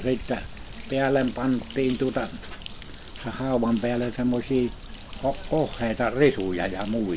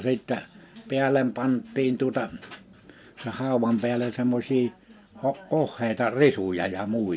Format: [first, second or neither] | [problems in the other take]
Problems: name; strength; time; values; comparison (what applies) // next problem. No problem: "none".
second | background sound (Bird + Clock); 12 dB below the speech